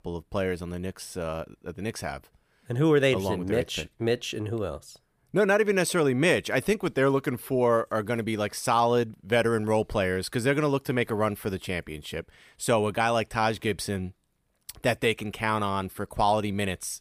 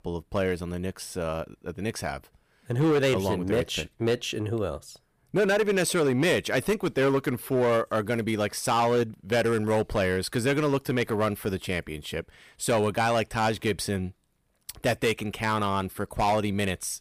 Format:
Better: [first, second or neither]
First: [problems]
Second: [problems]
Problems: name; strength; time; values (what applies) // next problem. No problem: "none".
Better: first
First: none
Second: distortion; slight; 7% of the sound clipped